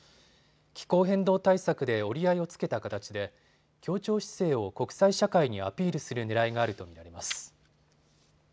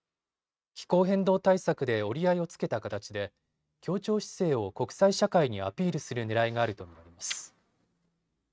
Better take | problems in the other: first | noise reduction (neural mask model RNNoise)

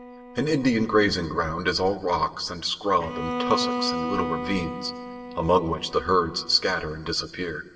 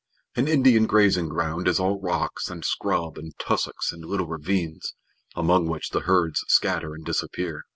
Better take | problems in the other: second | background sound (Bowed string instrument); 9 dB below the speech // room echo; dies away in 2.1 s

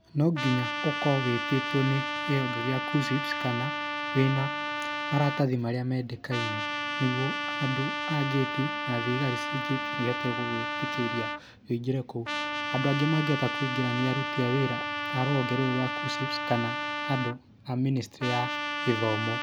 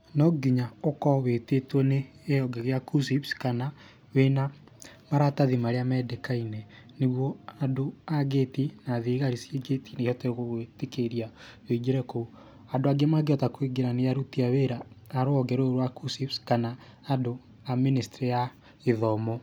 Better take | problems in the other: second | background sound (Trumpet); 3 dB below the speech

